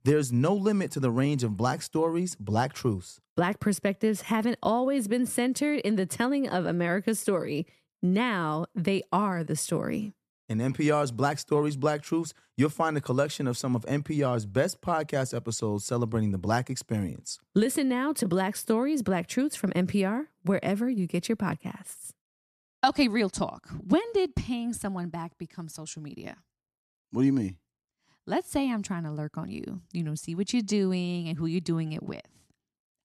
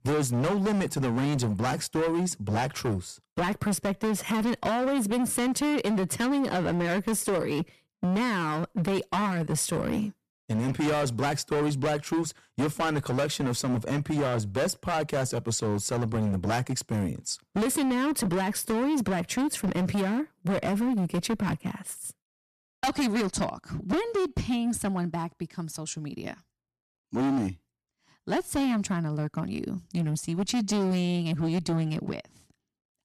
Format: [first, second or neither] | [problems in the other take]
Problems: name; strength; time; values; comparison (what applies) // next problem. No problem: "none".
first | distortion; heavy; 20% of the sound clipped